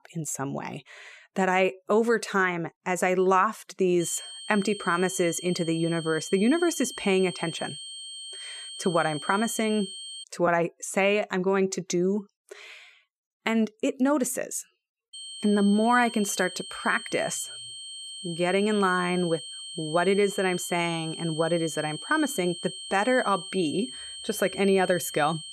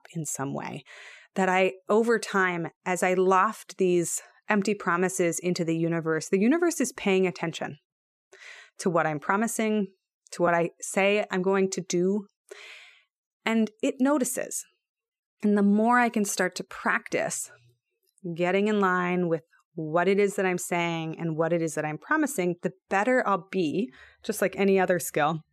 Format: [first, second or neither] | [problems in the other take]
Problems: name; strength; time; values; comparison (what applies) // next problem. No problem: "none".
second | high-pitched whine; noticeable; from 4 to 10 s and from 15 s on; 3 kHz, 10 dB below the speech